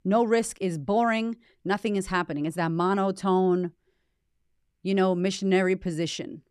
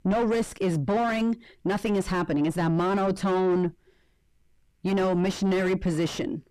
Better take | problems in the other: first | distortion; heavy; 5 dB below the speech

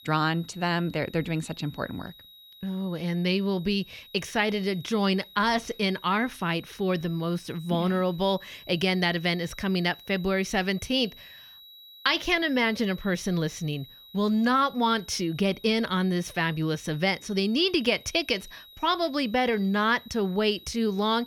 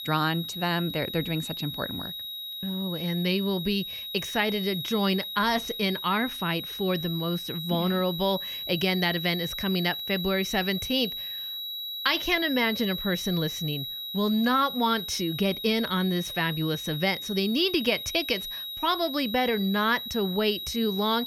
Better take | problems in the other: first | high-pitched whine; loud; throughout; 4 kHz, 6 dB below the speech; faint in the first

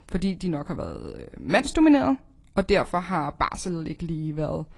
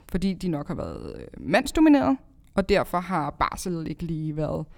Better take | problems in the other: second | garbled, watery; slightly

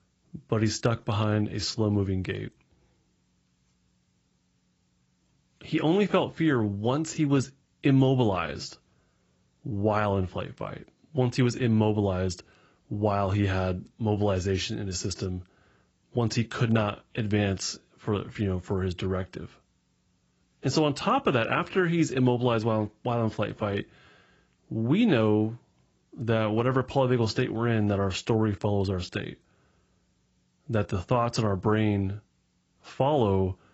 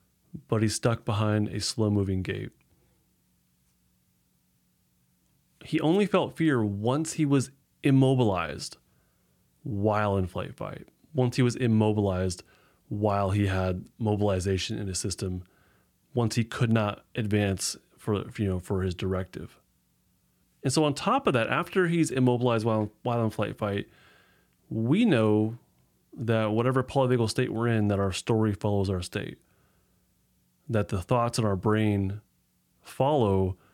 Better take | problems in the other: second | garbled, watery; badly; nothing above 8 kHz

